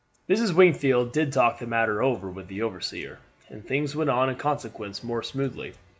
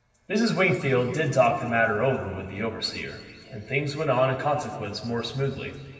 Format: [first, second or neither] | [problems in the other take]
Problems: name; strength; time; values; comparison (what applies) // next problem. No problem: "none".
first | room echo; dies away in 2.6 s